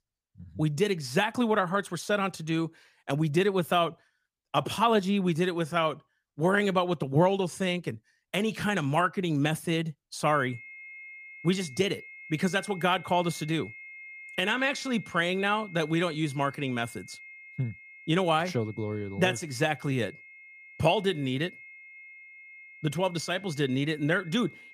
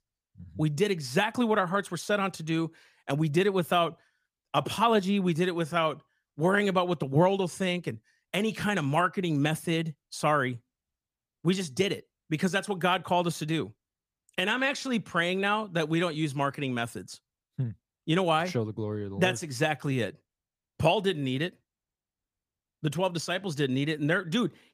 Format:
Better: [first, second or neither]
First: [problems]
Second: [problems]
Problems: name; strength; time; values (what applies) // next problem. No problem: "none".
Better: second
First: high-pitched whine; noticeable; from 10 s on; 2 kHz, 20 dB below the speech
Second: none